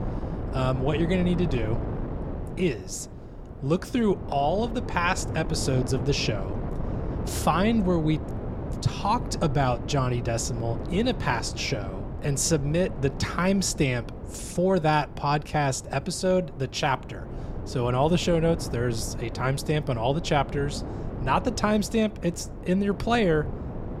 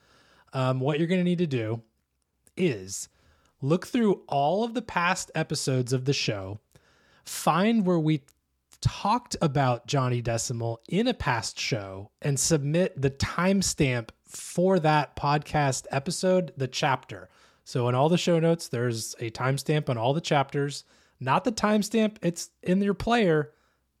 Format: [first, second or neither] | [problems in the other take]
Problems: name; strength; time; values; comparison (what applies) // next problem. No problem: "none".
second | wind noise on the microphone; occasional gusts; 15 dB below the speech